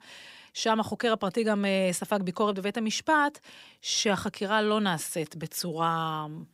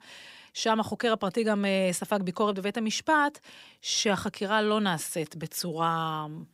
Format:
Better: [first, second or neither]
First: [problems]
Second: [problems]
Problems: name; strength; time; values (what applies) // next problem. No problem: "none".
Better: neither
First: none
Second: none